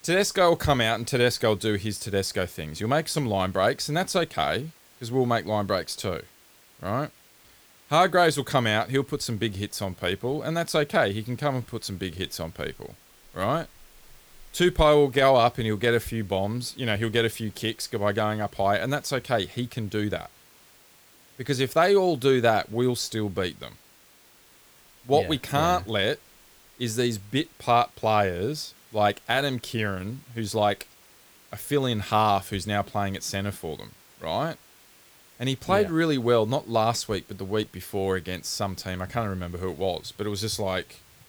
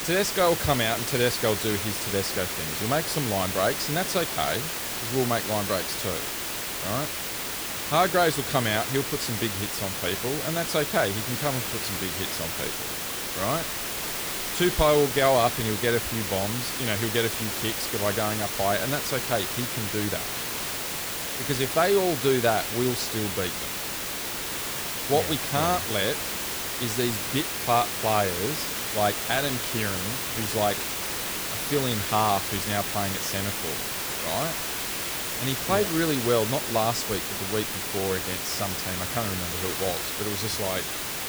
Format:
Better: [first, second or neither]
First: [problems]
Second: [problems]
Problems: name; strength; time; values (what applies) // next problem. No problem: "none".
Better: first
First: hiss; faint; throughout; 25 dB below the speech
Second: hiss; loud; throughout; 1 dB below the speech